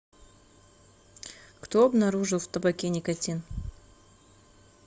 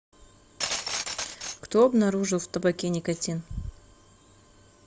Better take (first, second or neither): first